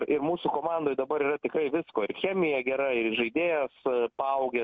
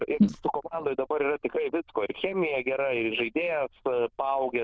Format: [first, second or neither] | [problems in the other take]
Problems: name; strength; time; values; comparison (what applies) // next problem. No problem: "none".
first | noise reduction (neural diffusion model UNIVERSE++)